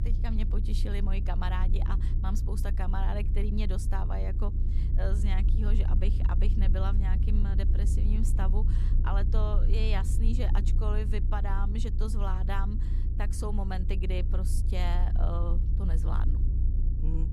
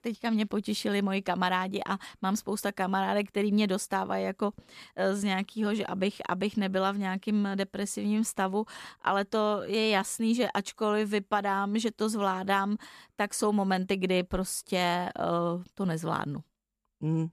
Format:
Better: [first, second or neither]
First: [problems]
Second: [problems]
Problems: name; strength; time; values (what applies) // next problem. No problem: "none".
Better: second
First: low rumble; loud; throughout; 7 dB below the speech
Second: none